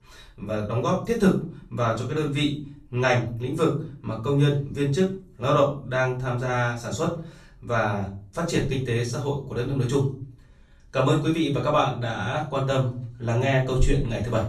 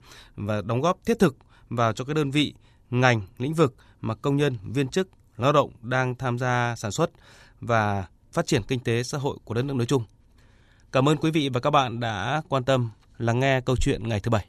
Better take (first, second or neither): second